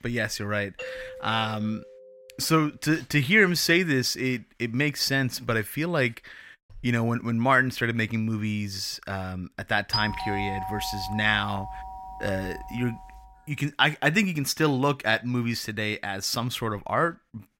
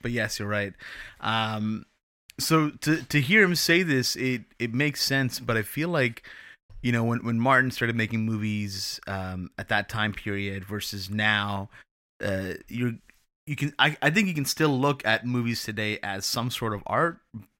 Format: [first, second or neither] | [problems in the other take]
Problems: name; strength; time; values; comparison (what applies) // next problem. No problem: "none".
second | doorbell; faint; from 1 to 2.5 s; peak 10 dB below the speech // doorbell; noticeable; from 10 to 13 s; peak 2 dB below the speech